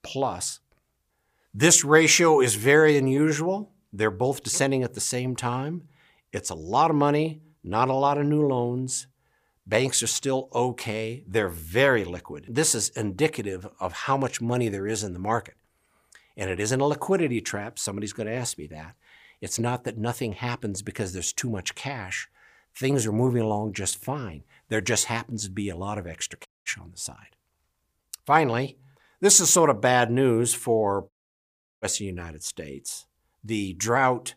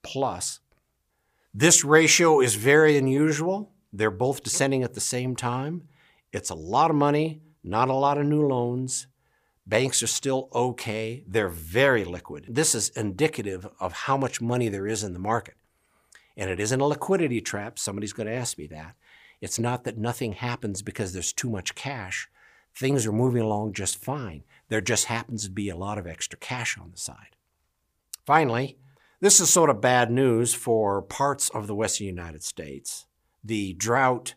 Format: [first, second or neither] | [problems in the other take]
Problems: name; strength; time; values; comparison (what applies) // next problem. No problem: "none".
second | audio cutting out; at 26 s and at 31 s for 0.5 s